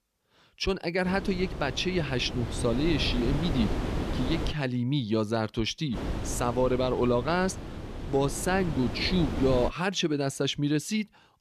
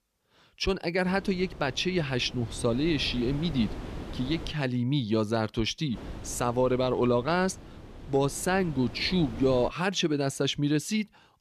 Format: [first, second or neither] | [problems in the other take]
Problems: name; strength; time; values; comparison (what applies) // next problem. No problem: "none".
second | wind noise on the microphone; heavy; from 1 to 4.5 s and from 6 to 9.5 s; 9 dB below the speech; occasional gusts in the second